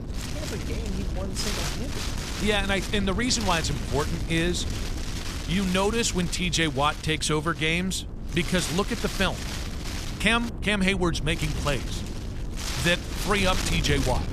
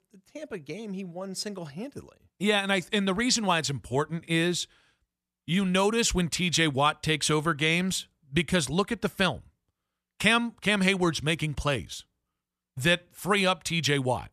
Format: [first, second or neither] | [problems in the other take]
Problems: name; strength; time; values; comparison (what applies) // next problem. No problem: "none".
second | wind noise on the microphone; heavy; 9 dB below the speech